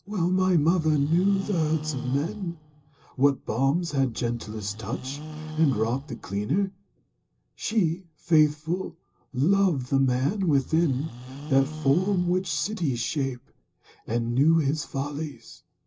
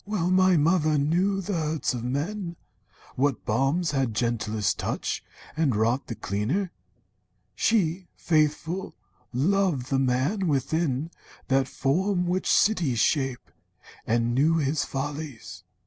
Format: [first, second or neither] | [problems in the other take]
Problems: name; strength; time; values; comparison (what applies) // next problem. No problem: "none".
second | background sound (Livestock, farm animals, working animals); 13 dB below the speech // room echo; dies away in 0.2 s